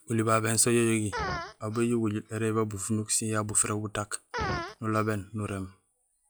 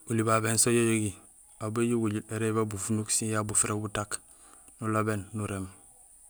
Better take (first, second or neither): second